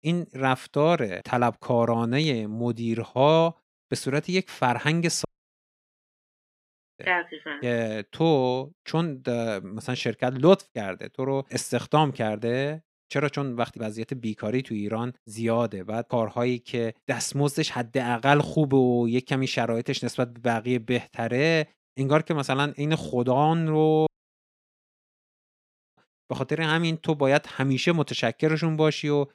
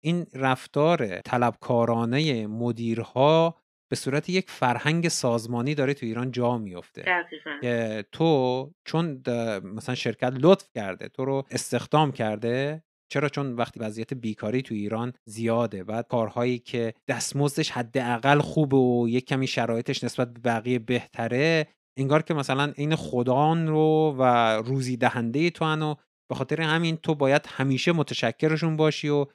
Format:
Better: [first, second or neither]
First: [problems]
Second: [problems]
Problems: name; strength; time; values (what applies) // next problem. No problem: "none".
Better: second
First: audio cutting out; at 5.5 s for 1.5 s and at 24 s for 2 s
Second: none